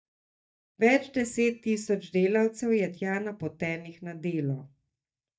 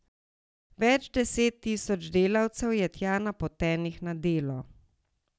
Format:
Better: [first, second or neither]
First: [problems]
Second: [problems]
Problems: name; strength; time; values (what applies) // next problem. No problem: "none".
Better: second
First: noise reduction (neural mask model DeepFilterNet 3)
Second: none